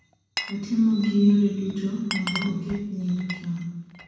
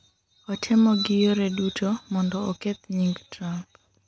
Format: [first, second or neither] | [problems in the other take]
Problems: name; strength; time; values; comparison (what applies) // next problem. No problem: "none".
second | background sound (Glass); 13 dB below the speech // room echo; dies away in 1.1 s